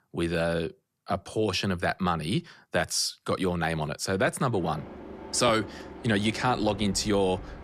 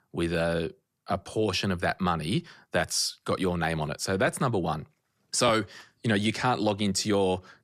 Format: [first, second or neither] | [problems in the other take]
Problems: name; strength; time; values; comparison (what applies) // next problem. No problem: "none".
second | train or aircraft noise; noticeable; from 4.5 s on; 15 dB below the speech